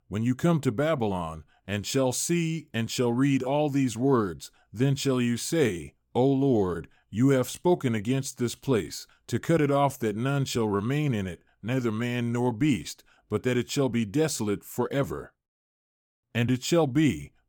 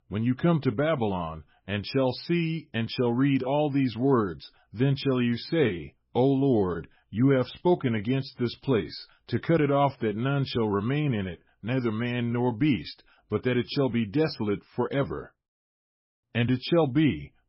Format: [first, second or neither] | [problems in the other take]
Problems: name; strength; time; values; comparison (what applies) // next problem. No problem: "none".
first | garbled, watery; badly; nothing above 5.5 kHz